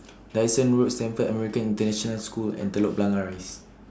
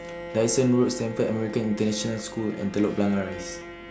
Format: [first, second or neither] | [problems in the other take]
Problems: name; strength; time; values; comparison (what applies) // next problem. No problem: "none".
first | background sound (Bowed string instrument); 12 dB below the speech